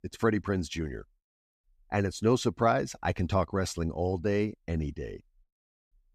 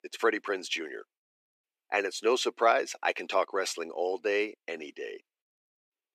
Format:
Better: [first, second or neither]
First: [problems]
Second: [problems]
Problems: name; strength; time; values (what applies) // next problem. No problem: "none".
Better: first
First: none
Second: thin; very; fading below 350 Hz